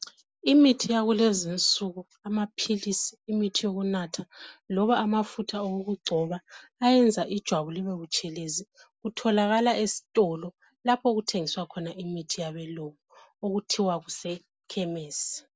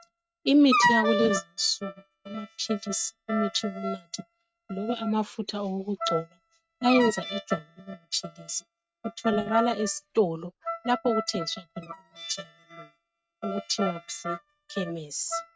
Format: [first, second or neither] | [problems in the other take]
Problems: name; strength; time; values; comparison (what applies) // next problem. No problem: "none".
first | noise reduction (neural mask model RNNoise)